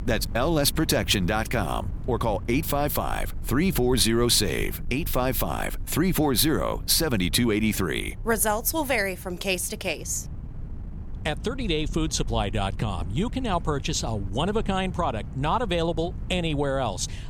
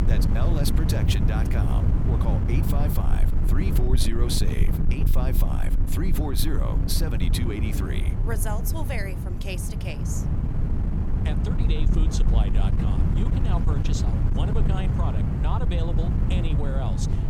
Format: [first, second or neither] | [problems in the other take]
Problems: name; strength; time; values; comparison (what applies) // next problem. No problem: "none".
first | wind noise on the microphone; heavy; 2 dB below the speech; occasional gusts in the first